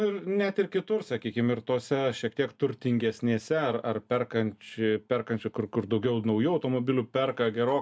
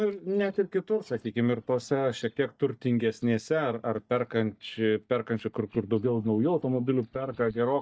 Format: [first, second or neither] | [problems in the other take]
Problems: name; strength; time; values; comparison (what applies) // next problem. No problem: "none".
first | noise reduction (neural mask model DeepFilterNet 3)